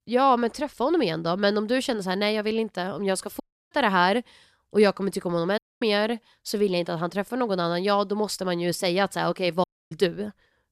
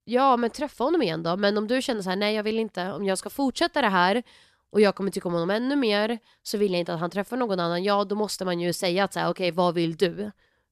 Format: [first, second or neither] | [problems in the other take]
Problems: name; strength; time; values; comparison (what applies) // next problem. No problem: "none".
second | audio cutting out; at 3.5 s, at 5.5 s and at 9.5 s